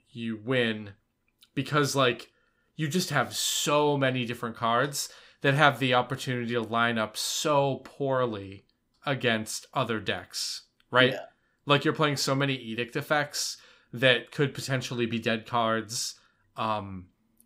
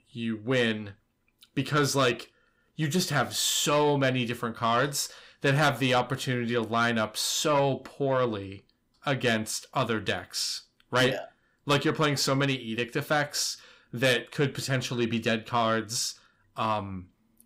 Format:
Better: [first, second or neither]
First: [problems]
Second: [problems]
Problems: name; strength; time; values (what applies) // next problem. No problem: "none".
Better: first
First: none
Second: distortion; slight; 10 dB below the speech